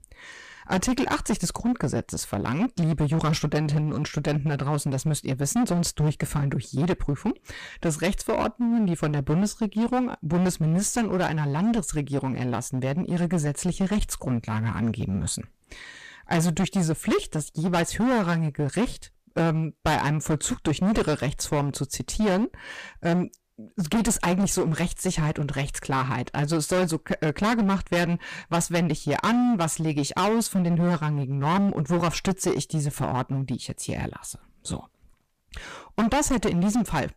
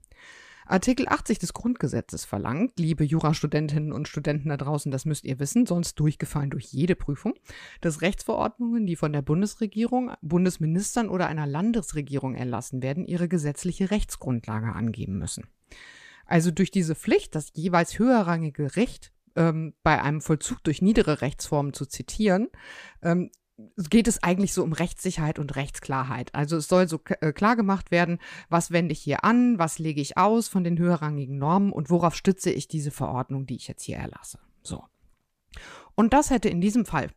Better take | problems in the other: second | distortion; heavy; 15% of the sound clipped

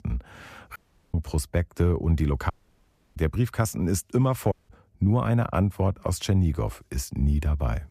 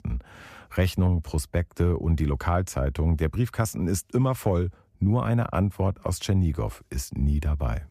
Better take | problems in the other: second | audio cutting out; at 1 s, at 2.5 s for 0.5 s and at 4.5 s

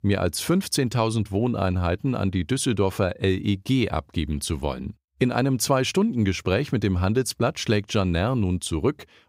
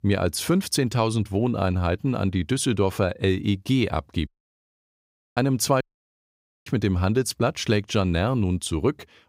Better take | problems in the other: first | audio cutting out; at 4.5 s for 1 s and at 6 s for 1 s

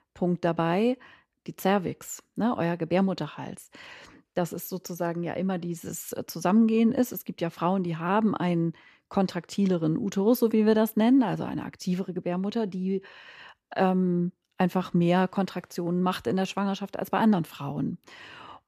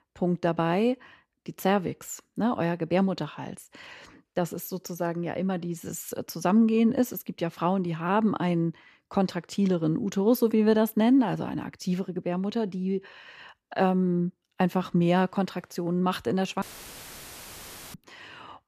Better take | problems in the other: first | audio cutting out; filled with static; at 17 s for 1.5 s

